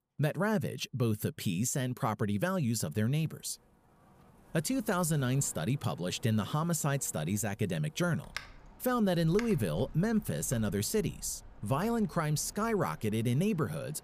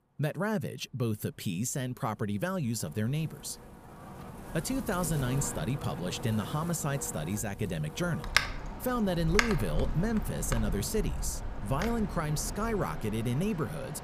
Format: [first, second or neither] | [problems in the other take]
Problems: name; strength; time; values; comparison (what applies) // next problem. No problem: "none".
first | wind in the background; loud; throughout; 5 dB below the speech; faint in the first